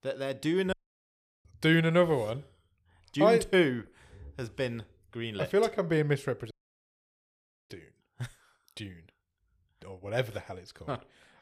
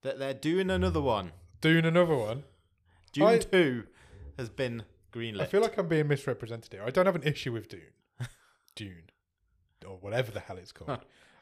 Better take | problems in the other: second | audio cutting out; at 0.5 s for 0.5 s and at 6.5 s for 1 s

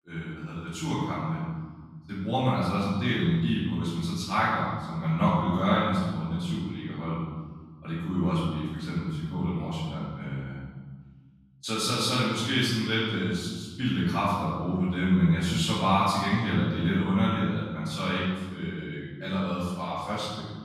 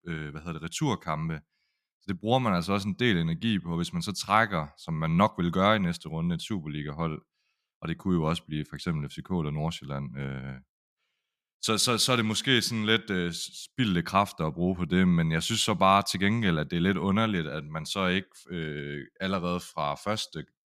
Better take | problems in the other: second | off-mic speech; far // room echo; strong; dies away in 1.6 s

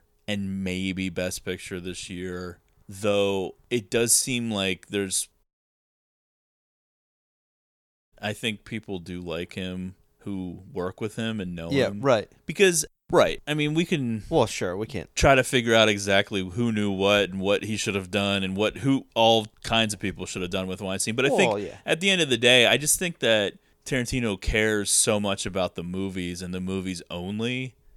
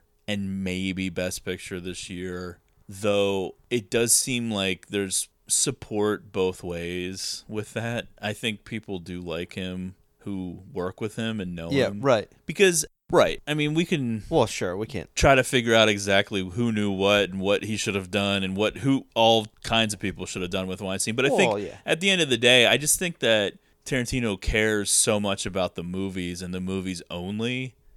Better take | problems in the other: second | audio cutting out; at 5.5 s for 2.5 s

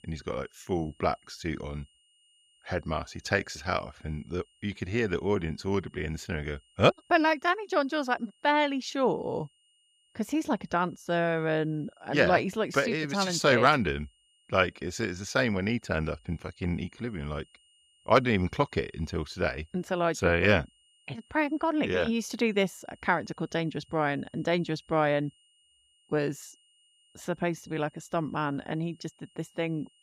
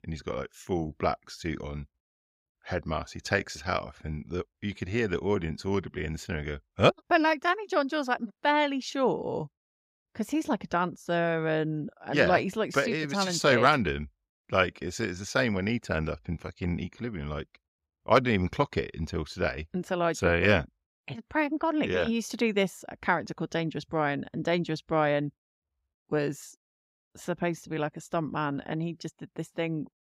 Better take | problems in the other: second | high-pitched whine; faint; throughout; 3 kHz, 35 dB below the speech

